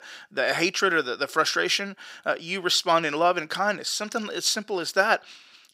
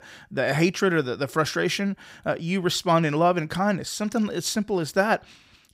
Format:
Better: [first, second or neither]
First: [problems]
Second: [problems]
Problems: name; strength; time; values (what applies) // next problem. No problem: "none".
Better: second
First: thin; somewhat; fading below 350 Hz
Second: none